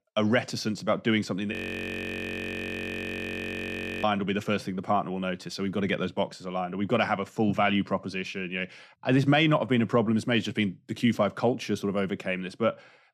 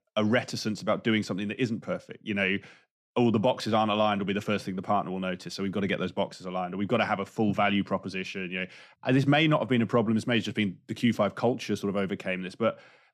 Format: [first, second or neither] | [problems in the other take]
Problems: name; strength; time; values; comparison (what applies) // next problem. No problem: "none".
second | audio freezing; at 1.5 s for 2.5 s